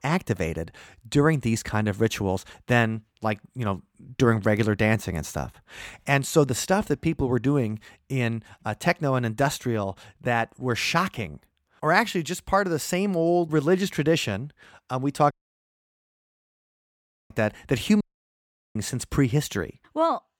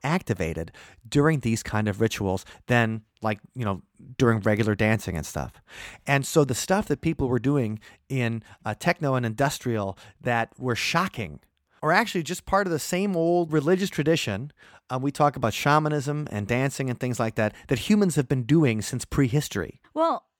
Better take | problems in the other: second | audio cutting out; at 15 s for 2 s and at 18 s for 0.5 s

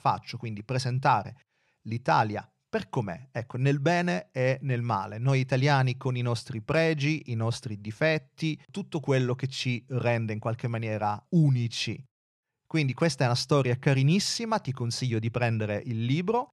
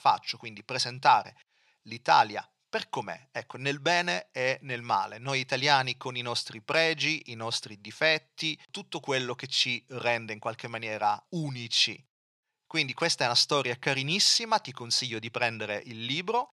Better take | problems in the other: first | thin; somewhat; fading below 800 Hz

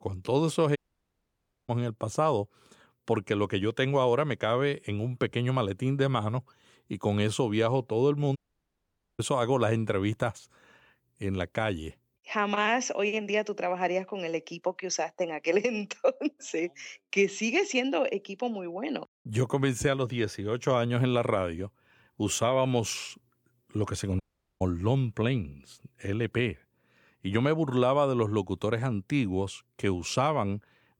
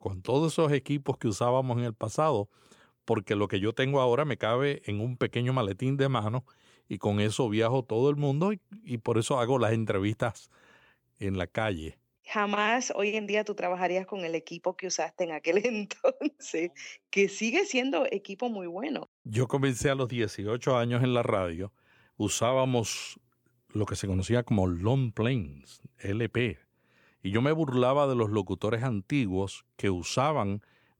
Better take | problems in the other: second | audio cutting out; at 1 s for 1 s, at 8.5 s for 1 s and at 24 s

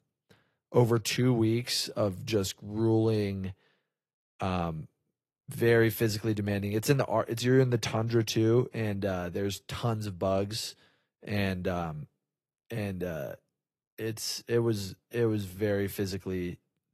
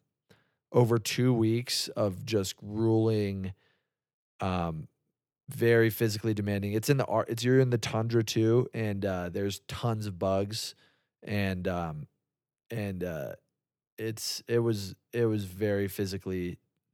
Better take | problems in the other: second | garbled, watery; slightly; nothing above 13.5 kHz

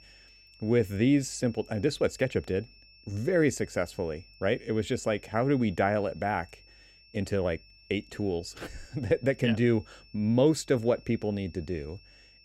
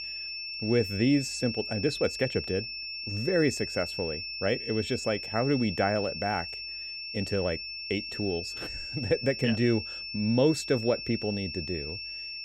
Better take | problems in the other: first | high-pitched whine; loud; throughout; 5.5 kHz, 6 dB below the speech; faint in the first

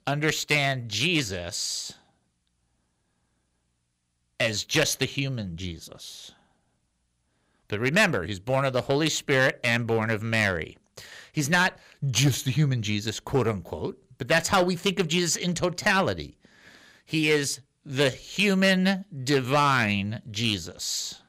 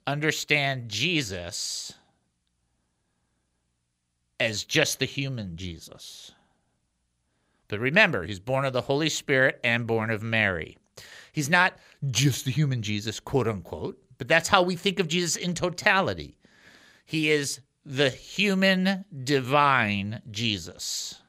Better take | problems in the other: second | distortion; slight; 2% of the sound clipped

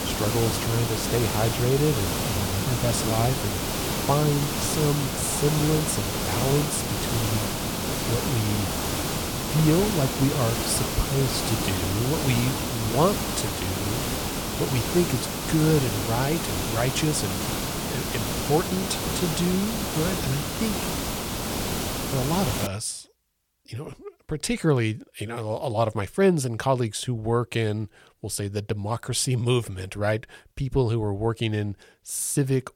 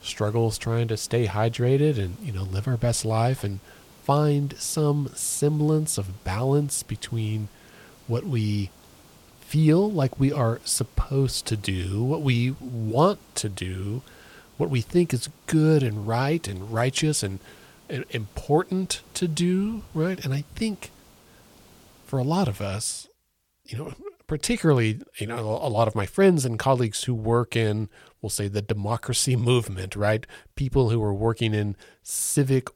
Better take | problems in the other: second | hiss; loud; until 23 s; 1 dB below the speech; faint in the second

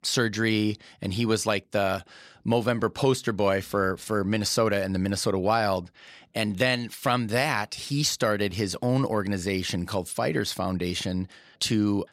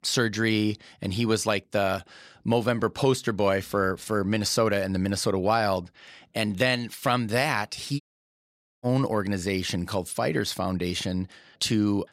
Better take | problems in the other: first | audio cutting out; at 8 s for 1 s

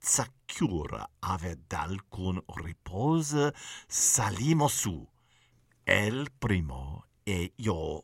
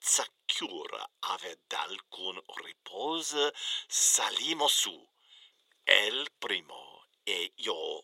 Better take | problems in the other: first | thin; very; fading below 400 Hz

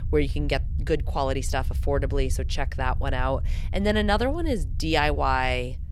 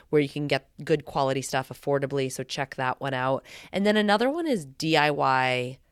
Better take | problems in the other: second | low rumble; faint; throughout; 20 dB below the speech

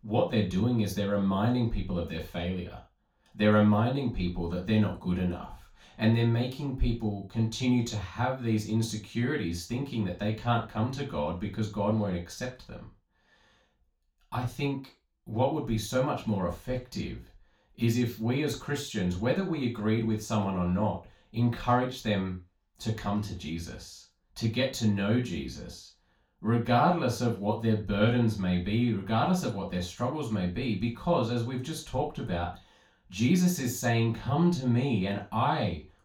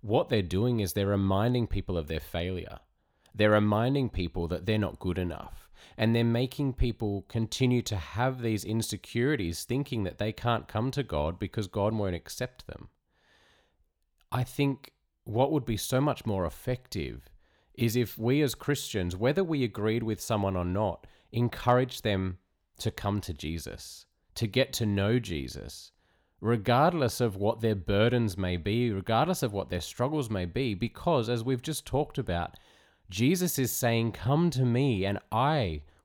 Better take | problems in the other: second | room echo; slight; dies away in 0.3 s // off-mic speech; far

